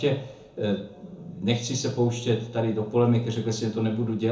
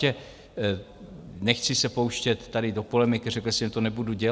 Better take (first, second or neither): second